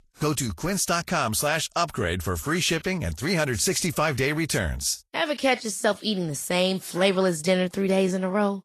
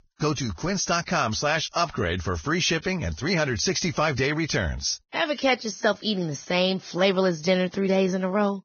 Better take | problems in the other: first | garbled, watery; badly; nothing above 6.5 kHz; slightly in the first

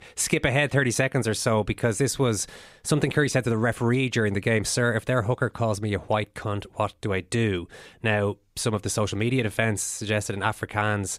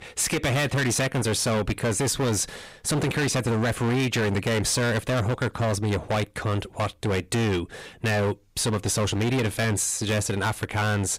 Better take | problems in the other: first | distortion; heavy; 26% of the sound clipped

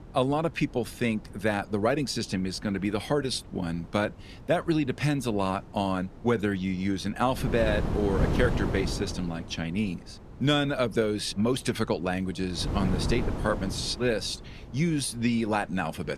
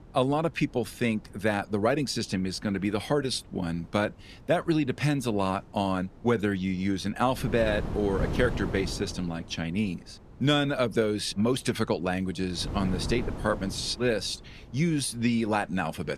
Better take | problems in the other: second | wind noise on the microphone; heavy; 9 dB below the speech; occasional gusts in the second

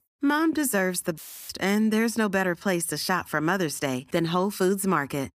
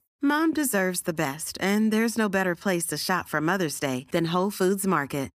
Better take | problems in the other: second | audio cutting out; filled with static; at 1 s

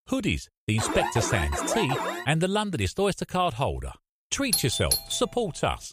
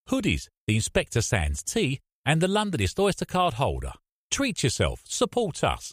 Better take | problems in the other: second | alarm; noticeable; from 1 to 2.5 s; peak 1 dB below the speech // doorbell; loud; at 4.5 s; peak 2 dB above the speech

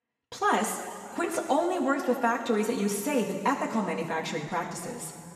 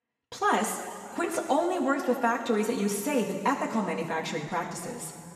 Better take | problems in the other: neither | room echo; noticeable; dies away in 2.4 s; the same in both // off-mic speech; somewhat distant; the same in both

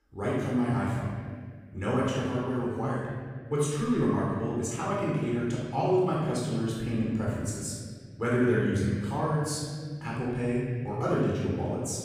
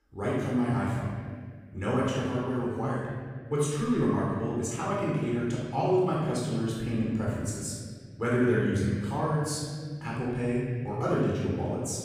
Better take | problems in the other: neither | room echo; strong; dies away in 1.8 s; the same in both // off-mic speech; far; the same in both

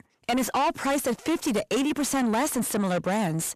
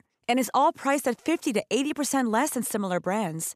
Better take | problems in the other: second | distortion; heavy; 7 dB below the speech

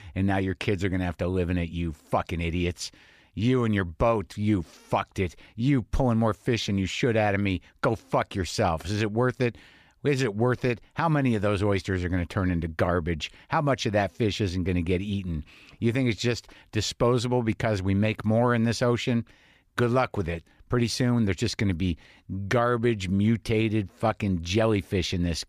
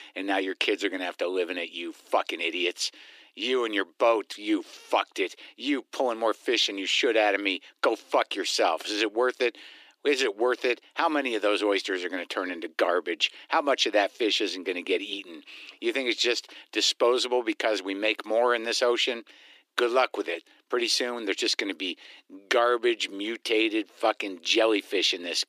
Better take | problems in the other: first | thin; very; fading below 300 Hz

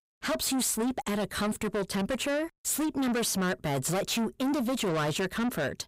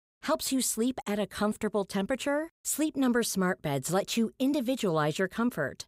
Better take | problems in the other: second | distortion; heavy; 7 dB below the speech

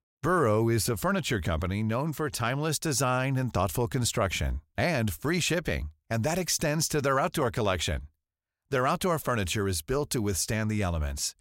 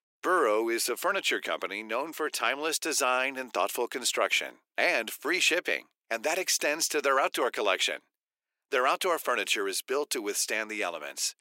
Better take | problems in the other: first | thin; very; fading below 300 Hz

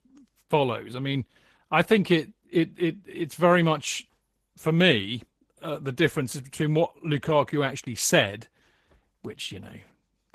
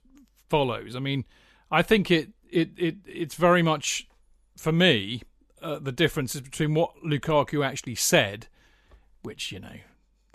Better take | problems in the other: second | garbled, watery; slightly; nothing above 13.5 kHz

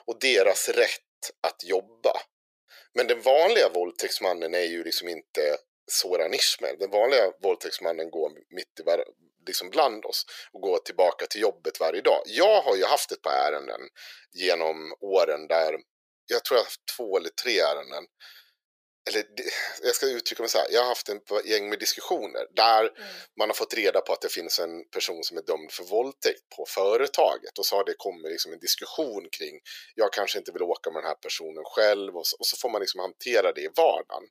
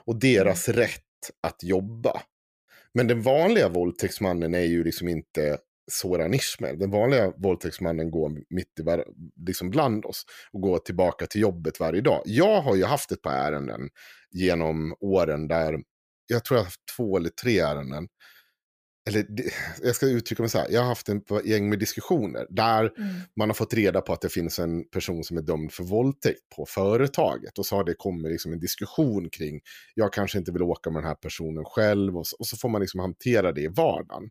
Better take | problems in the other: second | thin; very; fading below 450 Hz

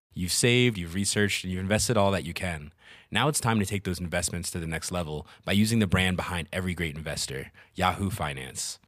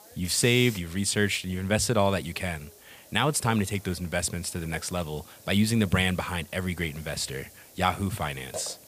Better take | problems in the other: first | hiss; noticeable; throughout; 20 dB below the speech

